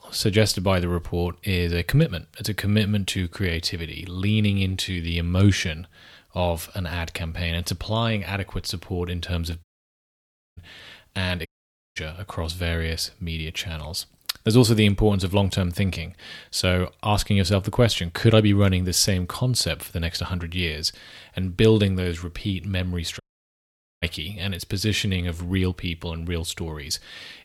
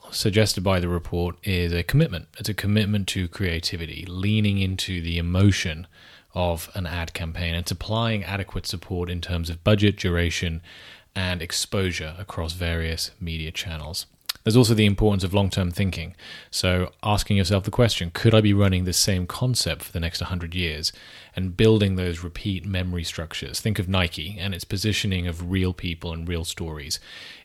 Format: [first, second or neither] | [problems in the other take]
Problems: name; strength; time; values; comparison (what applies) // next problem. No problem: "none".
second | audio cutting out; at 9.5 s for 1 s, at 11 s for 0.5 s and at 23 s for 1 s